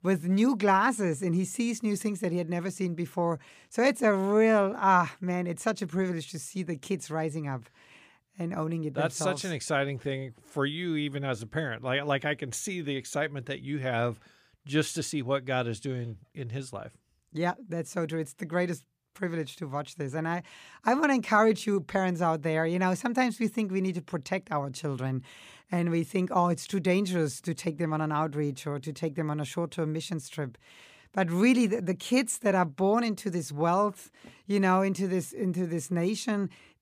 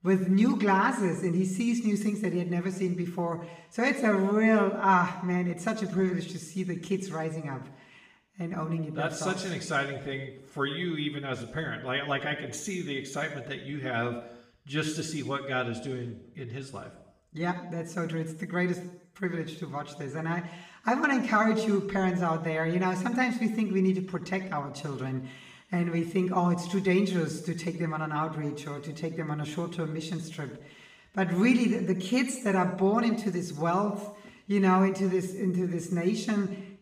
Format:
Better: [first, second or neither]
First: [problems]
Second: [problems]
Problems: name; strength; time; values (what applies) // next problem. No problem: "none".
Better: first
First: none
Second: room echo; slight; dies away in 0.8 s // off-mic speech; far